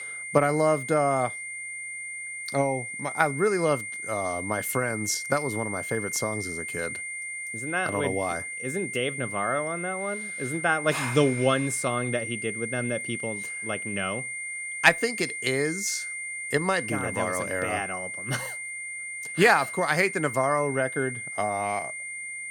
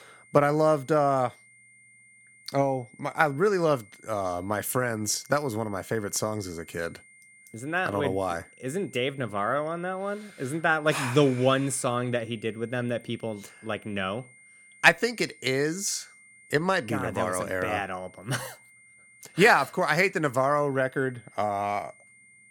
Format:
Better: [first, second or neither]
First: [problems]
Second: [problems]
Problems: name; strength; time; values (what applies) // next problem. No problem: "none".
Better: second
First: high-pitched whine; loud; throughout; 2 kHz, 6 dB below the speech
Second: high-pitched whine; faint; throughout; 2 kHz, 25 dB below the speech